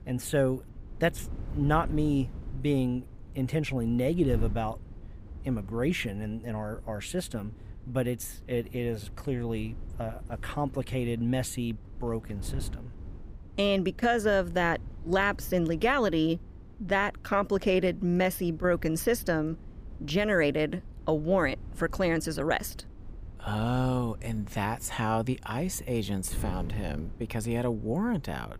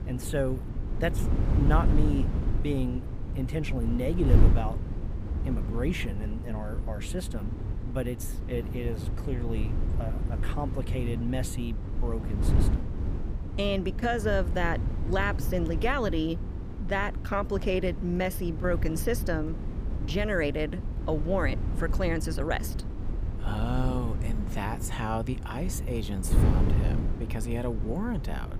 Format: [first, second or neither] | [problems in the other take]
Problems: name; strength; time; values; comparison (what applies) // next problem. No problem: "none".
first | wind noise on the microphone; heavy; 9 dB below the speech; occasional gusts in the first